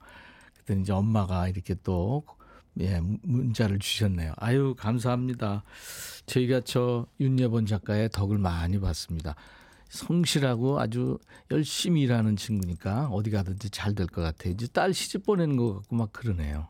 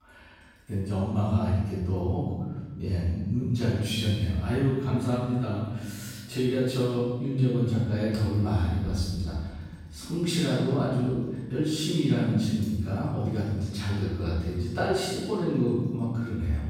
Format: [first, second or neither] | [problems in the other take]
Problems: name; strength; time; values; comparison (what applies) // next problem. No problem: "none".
first | off-mic speech; far // room echo; strong; dies away in 1.3 s